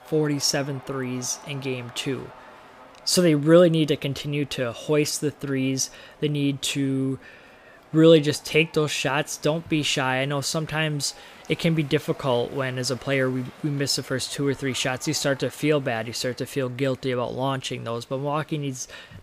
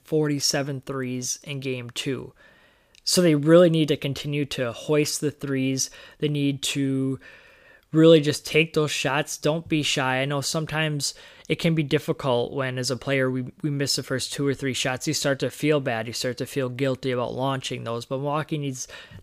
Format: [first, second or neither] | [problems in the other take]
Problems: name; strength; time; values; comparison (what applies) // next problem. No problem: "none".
second | crowd noise; faint; throughout; 25 dB below the speech